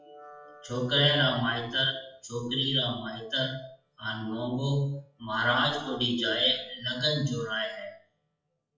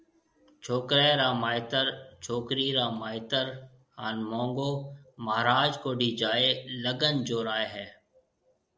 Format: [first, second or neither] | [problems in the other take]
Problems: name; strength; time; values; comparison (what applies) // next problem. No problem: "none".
second | noise reduction (classical method WPE with log-MMSE)